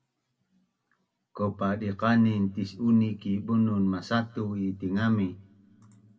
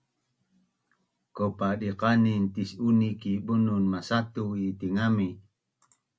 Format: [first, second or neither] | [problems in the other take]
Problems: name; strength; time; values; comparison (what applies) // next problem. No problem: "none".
second | room echo; dies away in 1 s